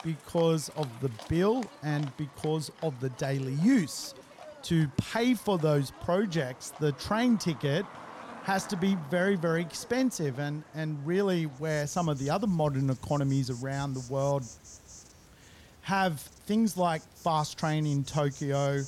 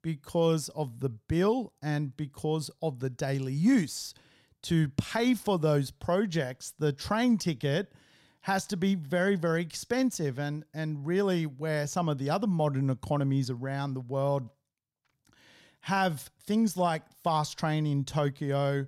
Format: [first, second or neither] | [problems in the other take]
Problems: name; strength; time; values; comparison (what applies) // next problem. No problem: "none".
second | animal sounds; noticeable; throughout; 20 dB below the speech